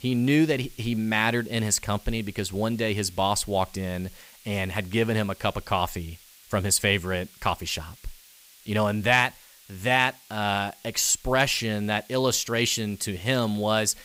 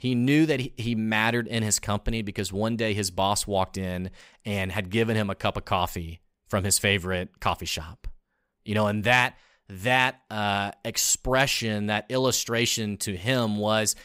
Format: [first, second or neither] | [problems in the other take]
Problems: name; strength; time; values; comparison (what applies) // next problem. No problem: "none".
second | hiss; faint; throughout; 25 dB below the speech